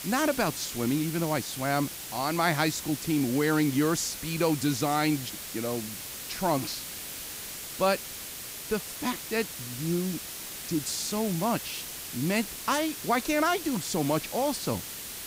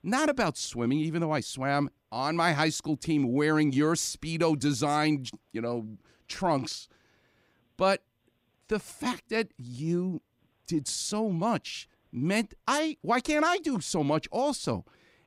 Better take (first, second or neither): second